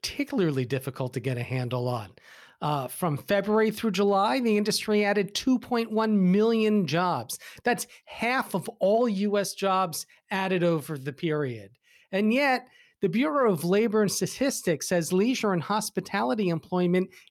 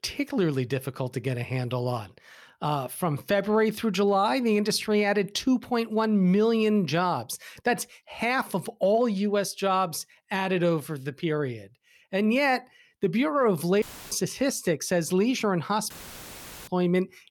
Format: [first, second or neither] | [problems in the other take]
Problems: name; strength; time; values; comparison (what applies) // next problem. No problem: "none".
first | audio cutting out; filled with static; at 14 s and at 16 s for 1 s